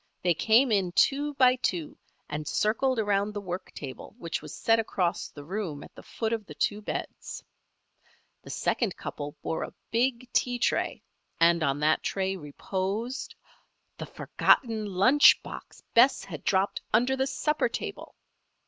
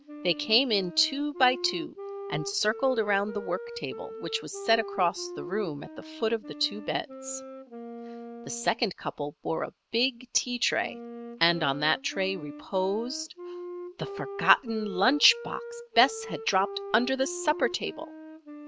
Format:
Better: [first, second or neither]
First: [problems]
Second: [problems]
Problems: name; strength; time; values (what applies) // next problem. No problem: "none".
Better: first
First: none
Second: background sound (Wind instrument, woodwind instrument); 11 dB below the speech